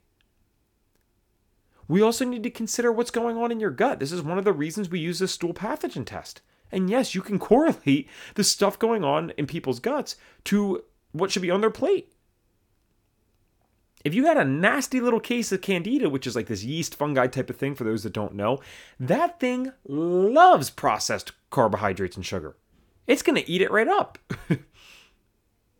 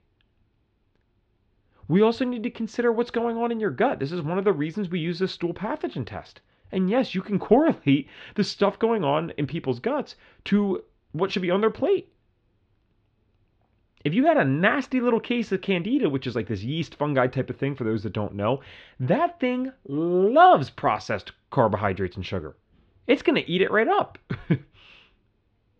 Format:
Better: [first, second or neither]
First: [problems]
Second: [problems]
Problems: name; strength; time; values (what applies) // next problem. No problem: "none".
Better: first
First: none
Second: muffled; slightly; fading above 3.5 kHz